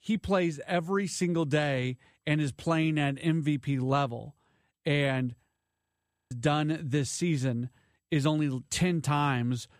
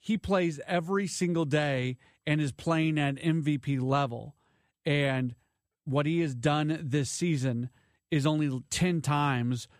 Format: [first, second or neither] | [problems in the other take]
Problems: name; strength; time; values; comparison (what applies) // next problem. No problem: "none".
second | audio freezing; at 5.5 s for 0.5 s